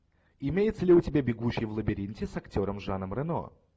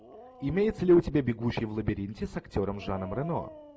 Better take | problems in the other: first | background sound (Dog); 20 dB below the speech

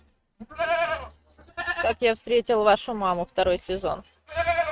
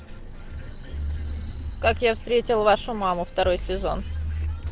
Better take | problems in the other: second | noise reduction (neural mask model RNNoise)

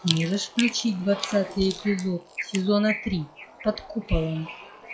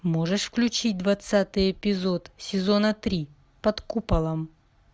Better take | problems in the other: second | noise reduction (classical method log-MMSE)

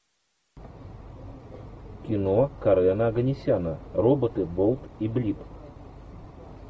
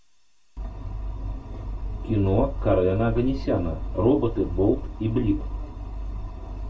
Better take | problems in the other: first | room echo; dies away in 0.2 s

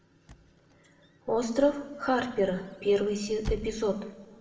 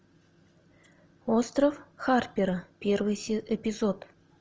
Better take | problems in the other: second | background sound (Squeak / Slam / Wood); 13 dB below the speech // room echo; dies away in 1.2 s

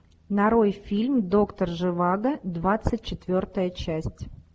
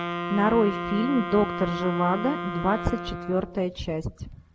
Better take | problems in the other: first | background sound (Wind instrument, woodwind instrument); 6 dB below the speech

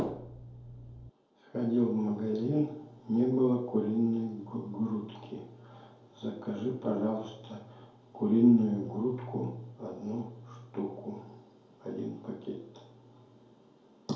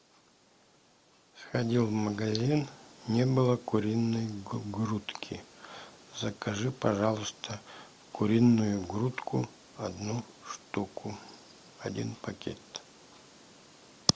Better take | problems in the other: second | room echo; dies away in 2.2 s

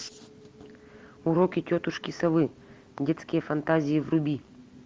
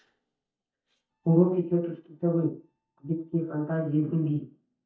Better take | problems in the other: first | noise reduction (neural mask model DeepFilterNet 3)

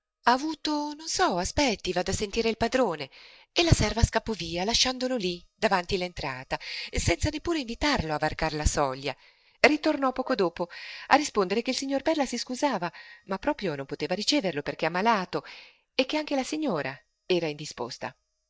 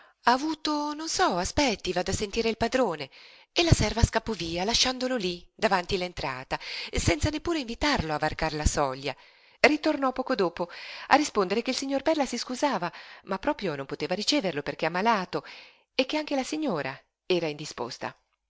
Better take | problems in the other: second | noise reduction (neural mask model DeepFilterNet 3)

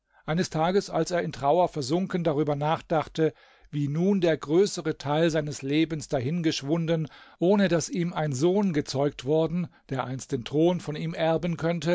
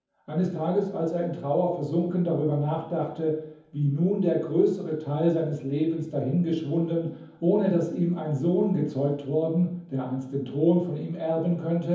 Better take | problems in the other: first | room echo; dies away in 0.7 s

